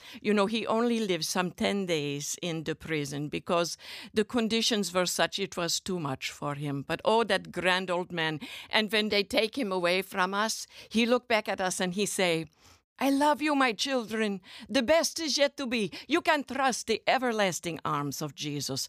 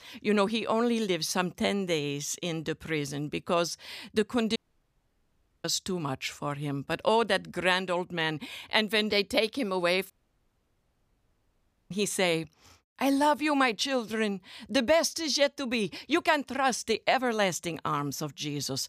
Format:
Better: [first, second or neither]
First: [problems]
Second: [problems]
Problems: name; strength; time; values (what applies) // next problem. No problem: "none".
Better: first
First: none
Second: audio cutting out; at 4.5 s for 1 s and at 10 s for 2 s